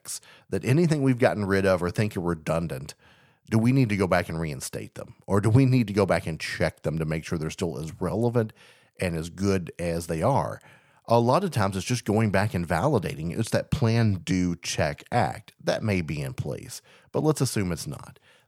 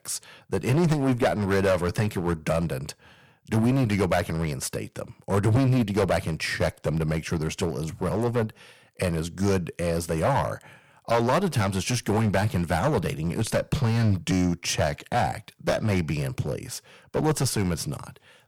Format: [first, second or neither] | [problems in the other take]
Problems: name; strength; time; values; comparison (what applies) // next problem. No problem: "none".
first | distortion; heavy; 8% of the sound clipped